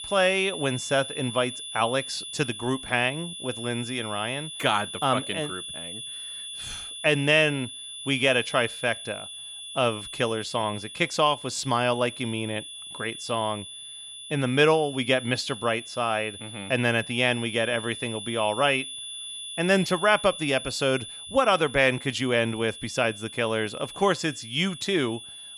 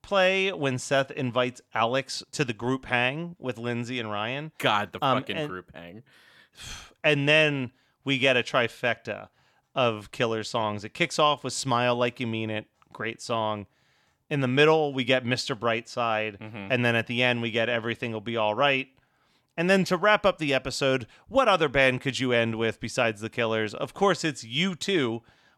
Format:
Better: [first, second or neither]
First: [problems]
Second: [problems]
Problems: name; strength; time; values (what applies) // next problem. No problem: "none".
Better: second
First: high-pitched whine; noticeable; throughout; 3.5 kHz, 10 dB below the speech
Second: none